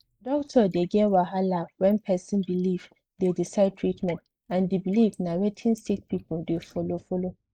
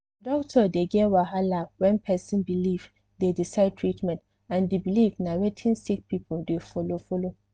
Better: second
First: noise reduction (neural mask model Resemble Enhance denoiser)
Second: none

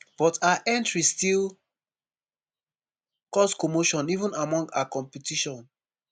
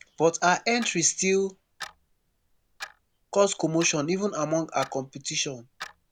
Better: first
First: none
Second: background sound (Clock); 20 dB below the speech

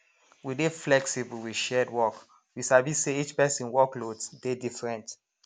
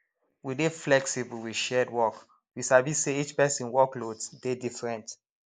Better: first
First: none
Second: noise reduction (neural mask model Resemble Enhance denoiser)

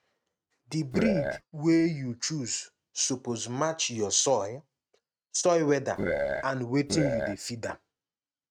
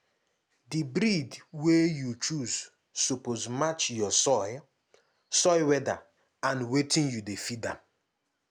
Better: second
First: noise reduction (neural mask model RNNoise)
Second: none

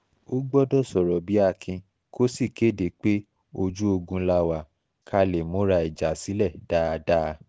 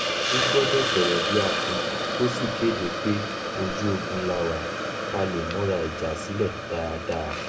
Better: first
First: none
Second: background sound (Hiss); as loud as the speech // room echo; dies away in 0.2 s

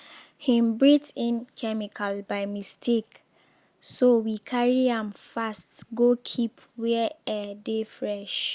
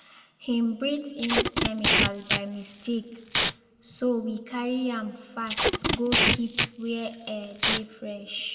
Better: first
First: none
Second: background sound (Packing tape, duct tape); 3 dB above the speech // room echo; dies away in 1.6 s

